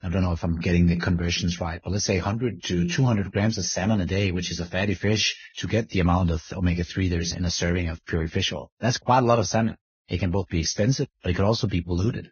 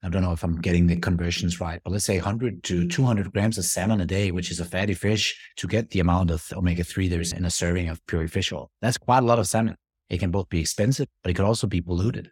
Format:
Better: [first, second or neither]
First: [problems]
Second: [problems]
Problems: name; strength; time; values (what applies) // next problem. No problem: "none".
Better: second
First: garbled, watery; badly; nothing above 6.5 kHz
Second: none